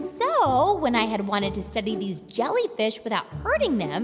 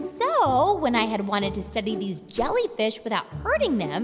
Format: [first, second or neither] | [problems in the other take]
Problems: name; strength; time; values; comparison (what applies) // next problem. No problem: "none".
first | background sound (Whoosh, swoosh, swish); 17 dB below the speech